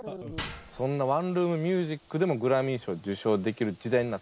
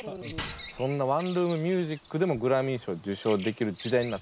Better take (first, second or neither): first